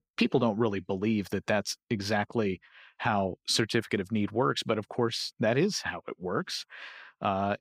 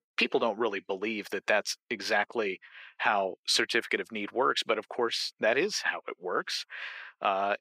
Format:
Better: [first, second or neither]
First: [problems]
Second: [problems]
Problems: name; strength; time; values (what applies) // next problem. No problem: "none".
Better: first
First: none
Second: thin; somewhat; fading below 450 Hz